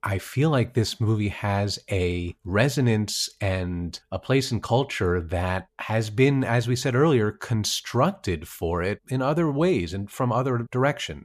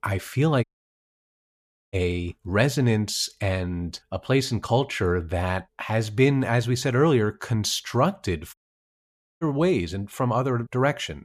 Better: first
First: none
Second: audio cutting out; at 0.5 s for 1.5 s and at 8.5 s for 1 s

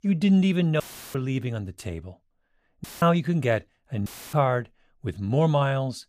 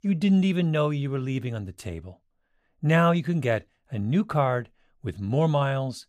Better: second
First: audio cutting out; filled with static; at 1 s, at 3 s and at 4 s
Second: none

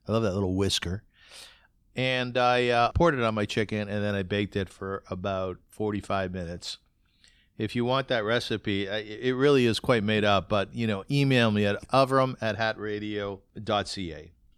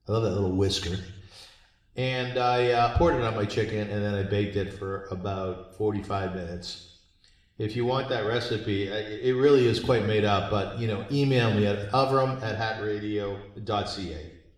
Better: first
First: none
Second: room echo; slight; dies away in 0.8 s // off-mic speech; somewhat distant

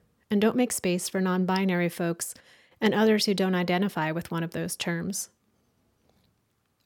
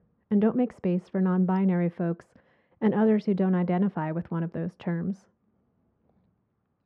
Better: first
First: none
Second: muffled; very; fading above 1 kHz

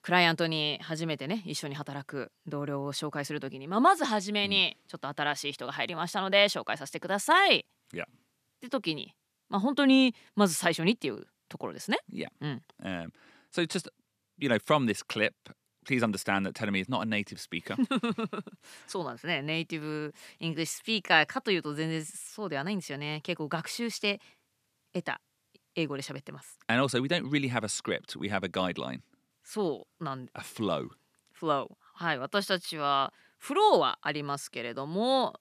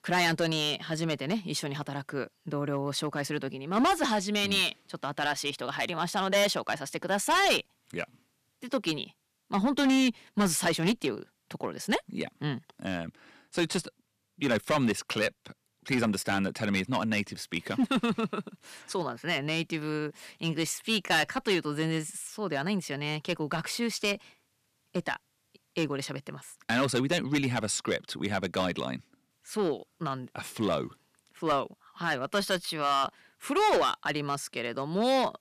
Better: first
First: none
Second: distortion; heavy; 4% of the sound clipped

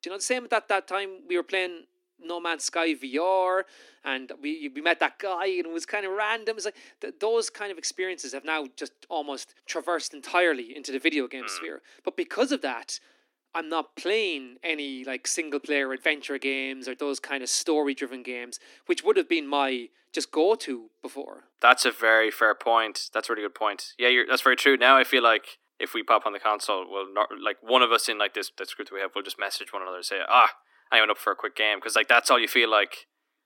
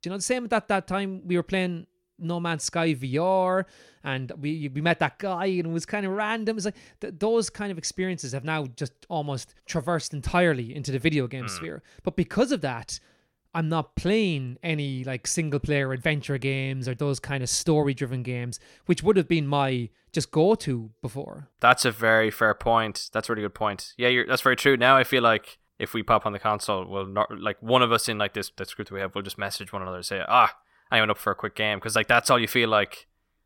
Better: second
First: thin; somewhat; fading below 250 Hz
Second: none

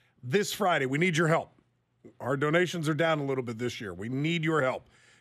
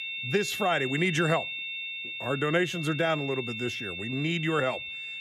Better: first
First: none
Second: high-pitched whine; loud; throughout; 2.5 kHz, 5 dB below the speech

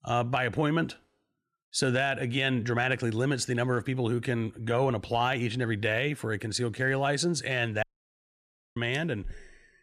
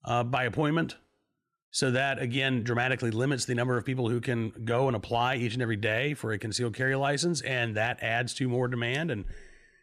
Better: second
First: audio cutting out; at 8 s for 1 s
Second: none

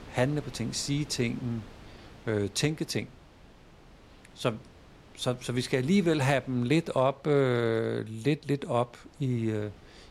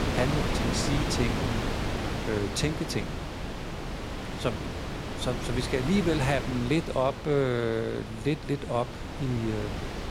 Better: first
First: wind noise on the microphone; occasional gusts; 25 dB below the speech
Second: wind noise on the microphone; heavy; 4 dB below the speech

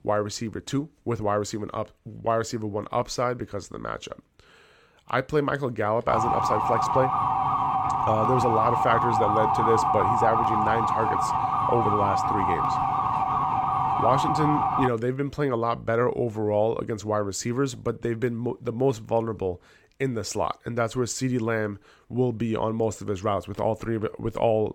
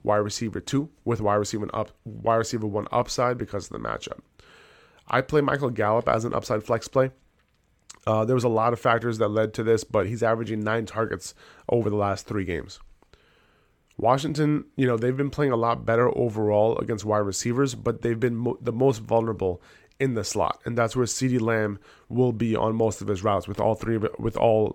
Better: second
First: siren; loud; from 6 to 15 s; peak 5 dB above the speech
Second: none

